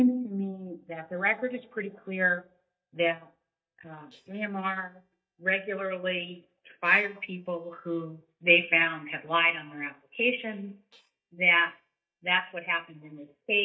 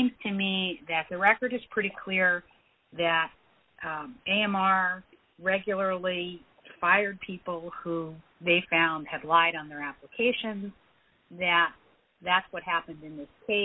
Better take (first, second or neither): second